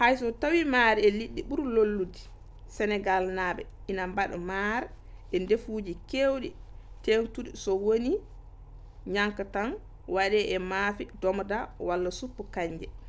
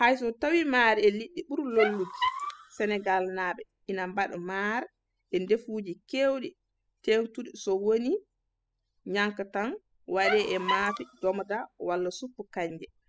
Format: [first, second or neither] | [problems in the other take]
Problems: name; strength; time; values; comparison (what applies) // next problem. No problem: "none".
first | noise reduction (classical method spectral subtraction)